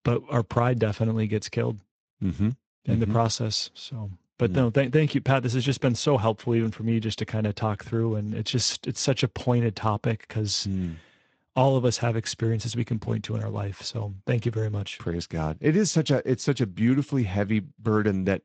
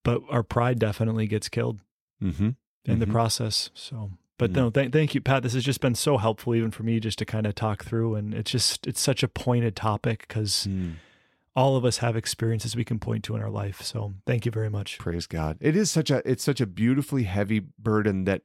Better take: second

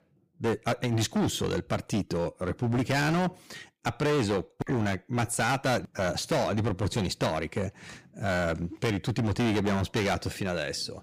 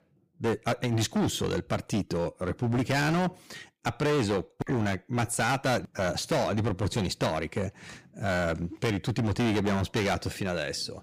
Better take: neither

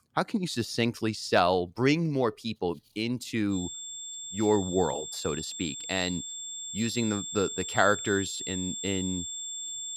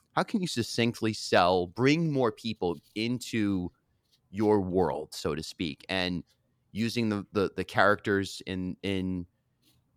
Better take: second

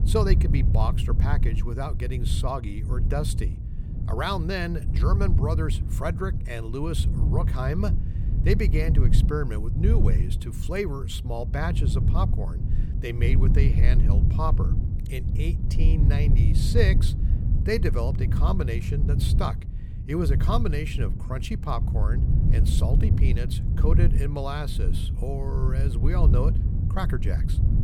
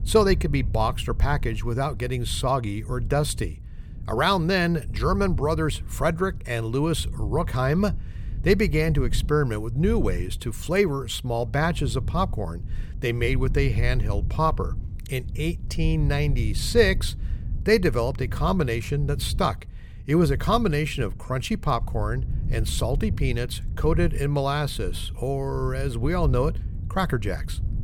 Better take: second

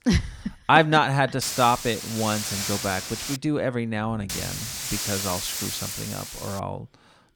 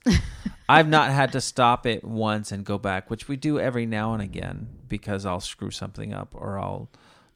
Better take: second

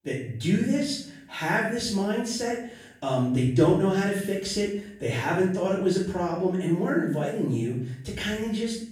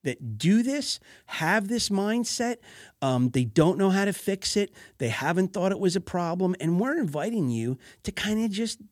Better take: second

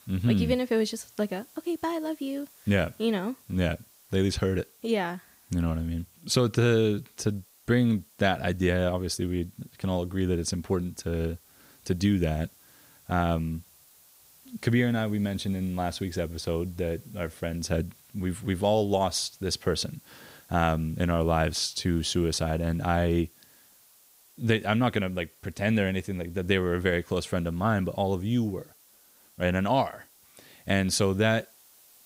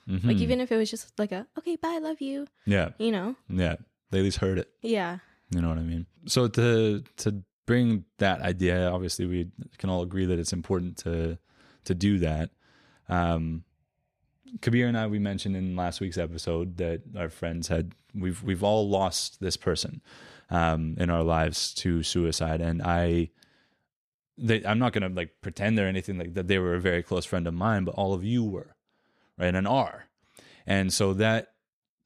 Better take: second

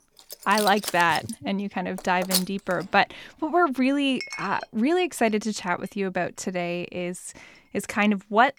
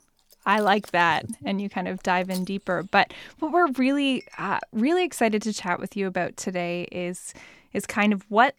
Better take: second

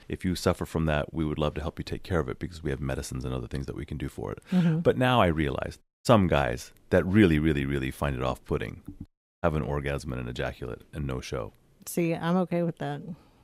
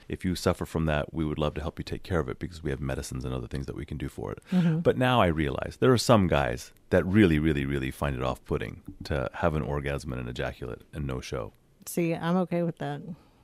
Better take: second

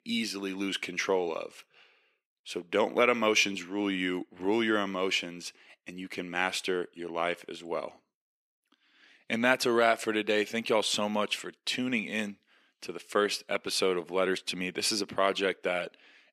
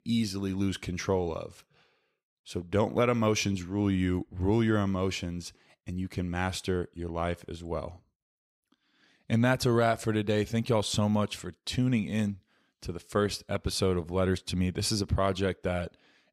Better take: second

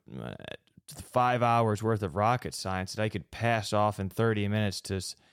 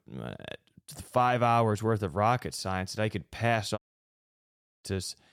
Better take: first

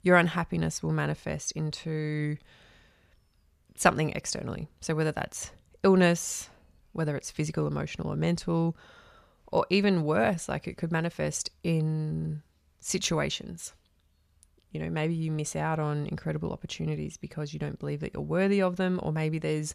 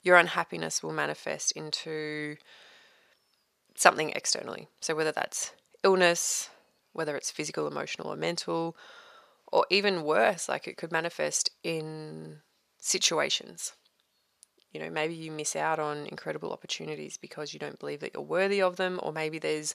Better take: first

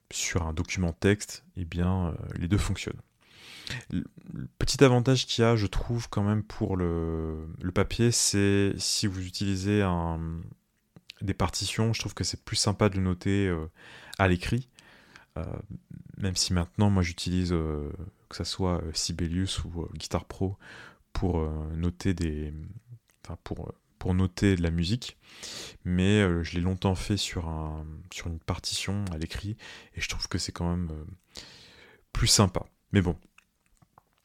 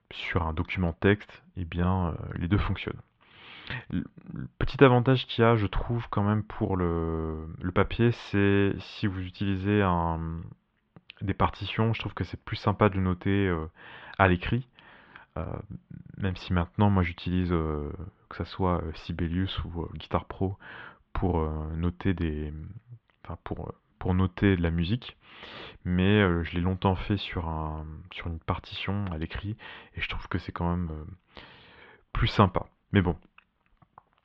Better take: first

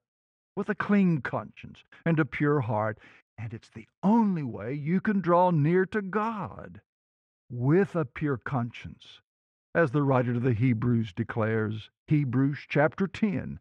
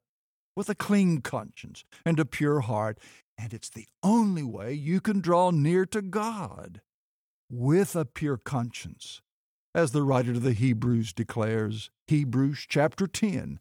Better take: second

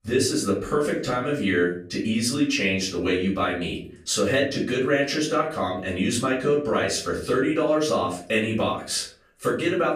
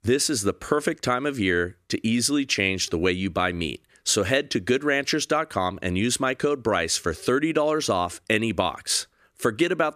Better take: second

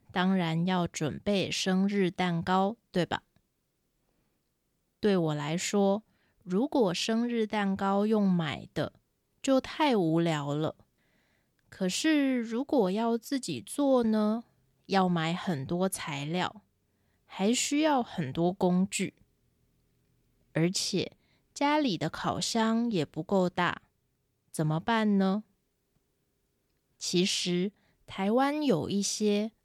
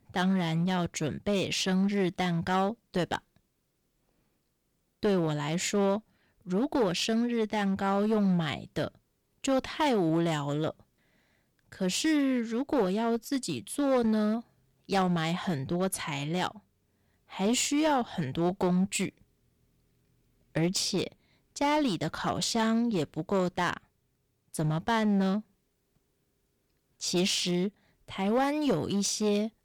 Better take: first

